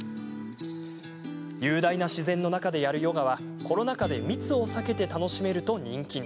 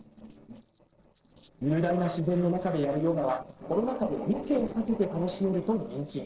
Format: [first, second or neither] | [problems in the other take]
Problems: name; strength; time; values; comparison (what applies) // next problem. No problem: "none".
first | noise reduction (neural separator model SepFormer DNS4)